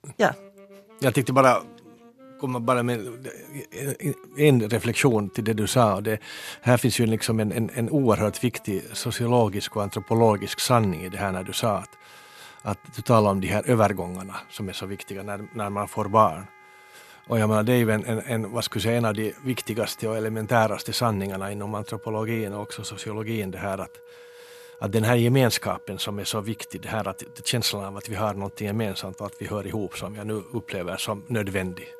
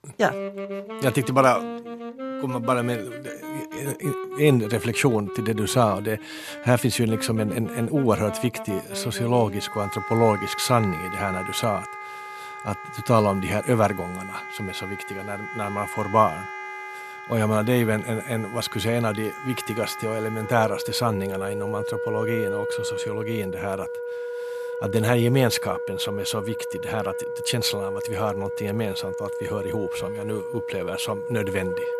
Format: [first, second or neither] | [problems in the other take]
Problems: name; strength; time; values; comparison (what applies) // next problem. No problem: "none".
first | background music; loud; throughout; 7 dB below the speech; faint in the first